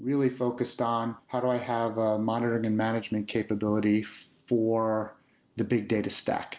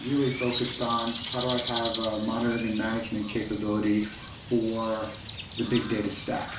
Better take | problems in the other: first | background sound (Crow); 9 dB below the speech // room echo; dies away in 0.4 s

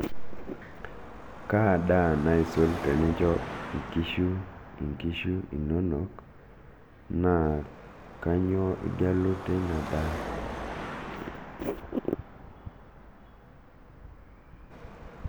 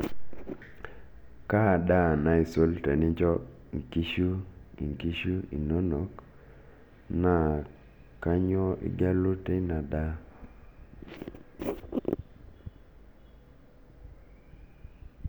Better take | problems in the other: second | background sound (Car passing by / Traffic noise, roadway noise / Engine); 12 dB below the speech

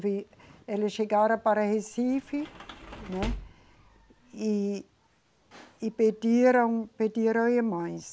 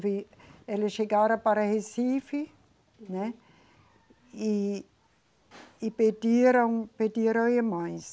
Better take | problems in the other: second | background sound (Sliding door / Slam); 13 dB below the speech

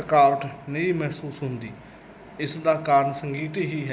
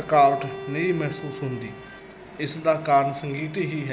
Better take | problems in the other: first | background sound (Bowed string instrument); 15 dB below the speech

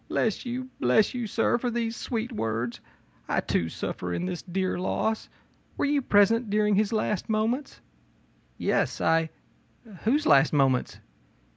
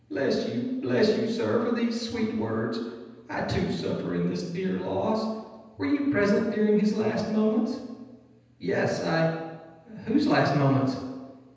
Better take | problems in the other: first | room echo; dies away in 1.1 s

